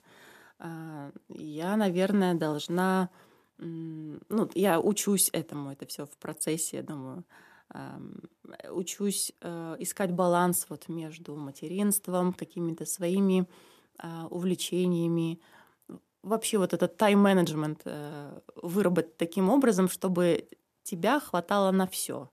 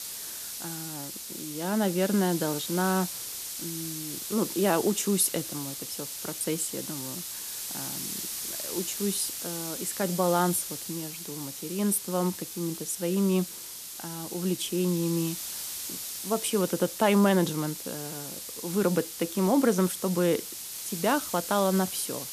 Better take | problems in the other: first | hiss; loud; throughout; 6 dB below the speech

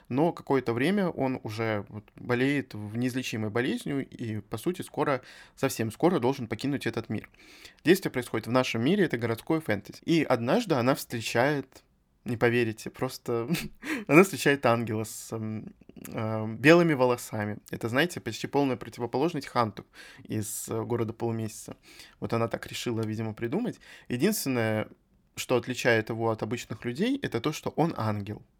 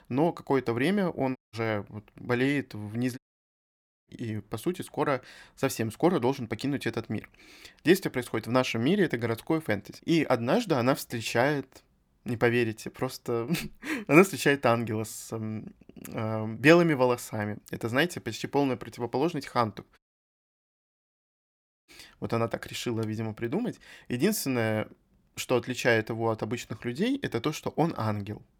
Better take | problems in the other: first | audio cutting out; at 1.5 s, at 3 s for 1 s and at 20 s for 2 s

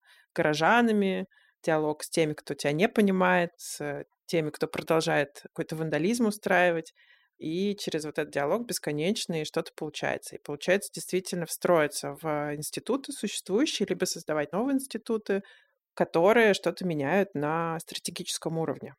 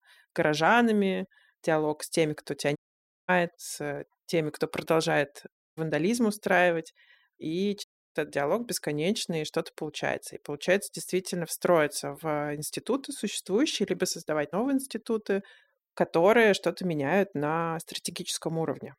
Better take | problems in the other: first | audio cutting out; at 3 s for 0.5 s, at 5.5 s and at 8 s

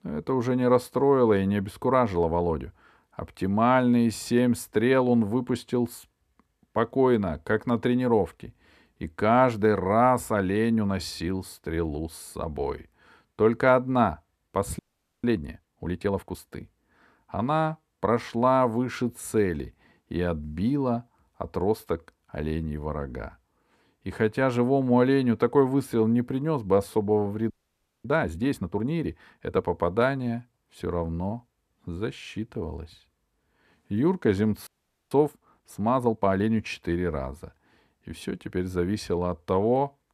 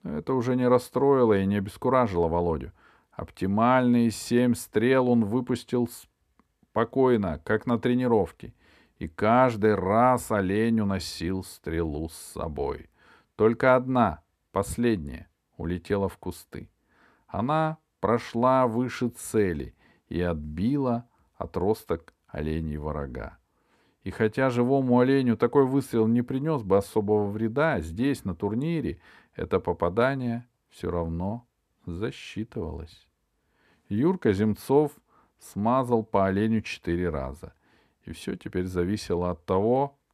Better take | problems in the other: second | audio freezing; at 15 s, at 28 s for 0.5 s and at 35 s

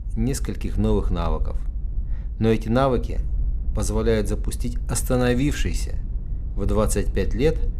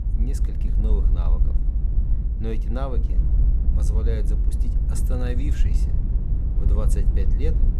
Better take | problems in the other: first | low rumble; loud; throughout; 4 dB below the speech; faint in the first

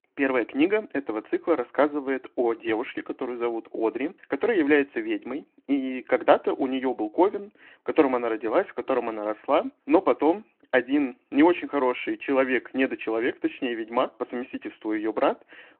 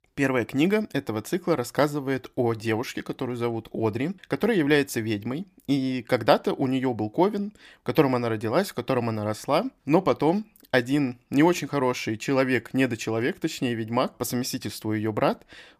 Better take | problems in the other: second | phone-call audio

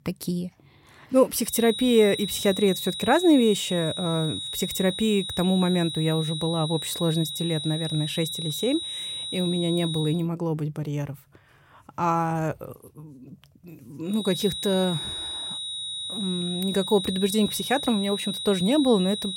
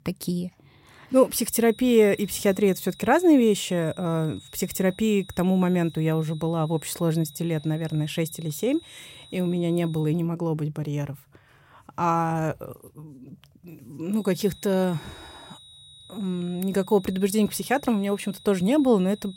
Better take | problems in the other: second | high-pitched whine; loud; from 1.5 to 10 s and from 14 s on; 4 kHz, 6 dB below the speech; faint in the second

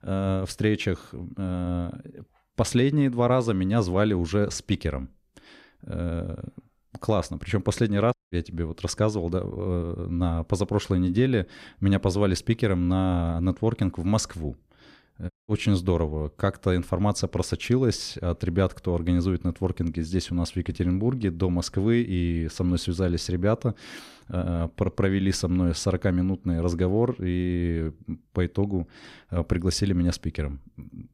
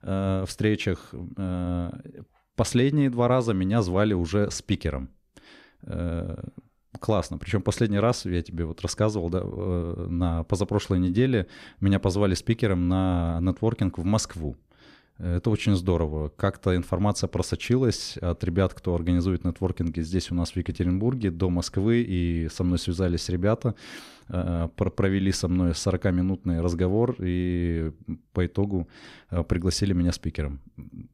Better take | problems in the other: second | audio cutting out; at 8 s and at 15 s

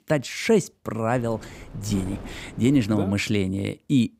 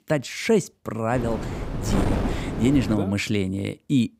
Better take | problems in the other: first | wind noise on the microphone; heavy; from 1 to 3 s; 5 dB below the speech; occasional gusts in the first

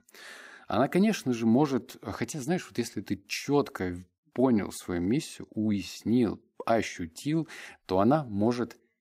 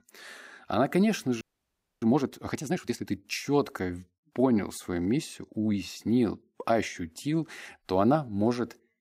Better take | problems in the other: first | audio freezing; at 1.5 s for 0.5 s

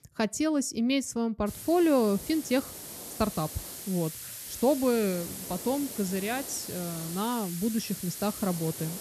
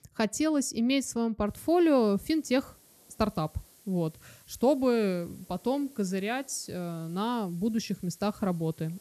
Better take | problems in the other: second | hiss; loud; from 1.5 s on; 9 dB below the speech; faint in the second

